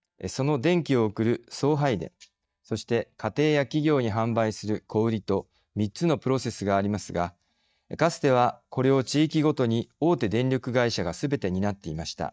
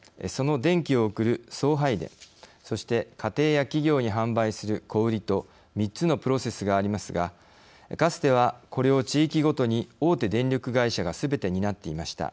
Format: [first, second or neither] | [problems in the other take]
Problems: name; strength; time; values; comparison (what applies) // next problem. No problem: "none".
second | noise reduction (neural mask model DeepFilterNet 3)